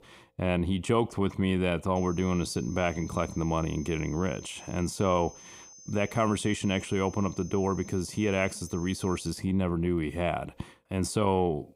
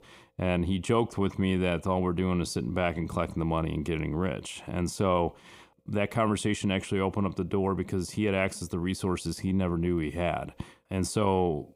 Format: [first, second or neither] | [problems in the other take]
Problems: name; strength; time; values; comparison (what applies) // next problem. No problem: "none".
second | high-pitched whine; noticeable; from 2 to 9.5 s; 6 kHz, 20 dB below the speech